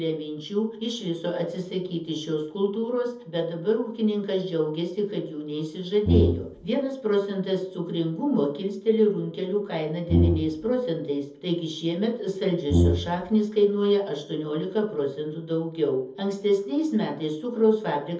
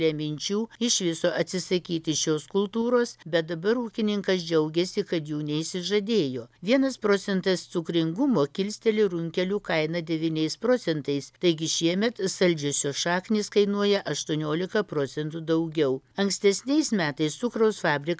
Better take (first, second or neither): second